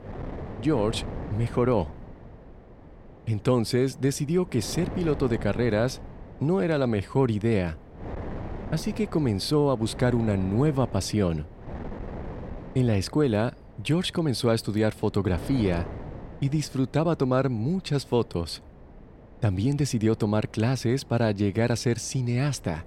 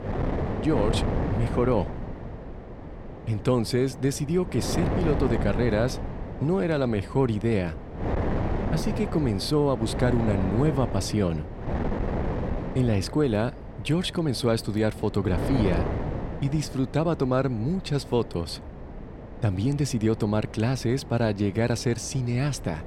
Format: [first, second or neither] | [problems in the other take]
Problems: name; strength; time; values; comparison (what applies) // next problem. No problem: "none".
first | wind noise on the microphone; heavy; 7 dB below the speech; occasional gusts in the first